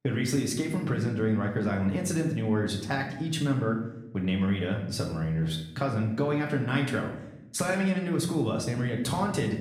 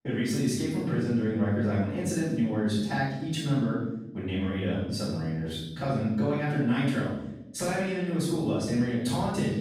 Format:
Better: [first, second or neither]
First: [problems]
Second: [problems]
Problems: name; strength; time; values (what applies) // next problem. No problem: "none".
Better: first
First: room echo; slight; dies away in 0.7 s // off-mic speech; somewhat distant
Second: room echo; strong; dies away in 0.9 s // off-mic speech; far